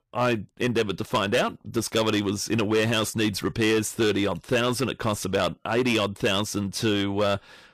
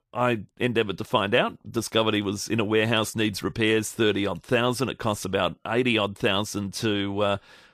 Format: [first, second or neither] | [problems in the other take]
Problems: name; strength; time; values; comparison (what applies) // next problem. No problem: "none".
second | distortion; slight; 7% of the sound clipped